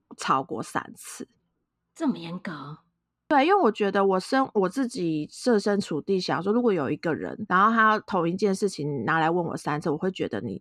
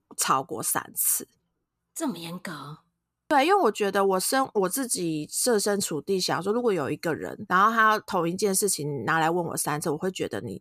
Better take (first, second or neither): second